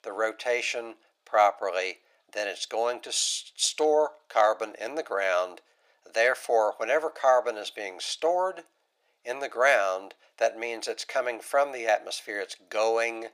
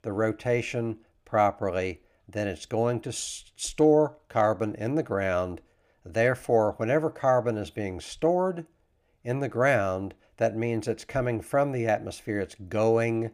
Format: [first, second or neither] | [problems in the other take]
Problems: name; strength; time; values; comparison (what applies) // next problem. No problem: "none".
second | thin; very; fading below 550 Hz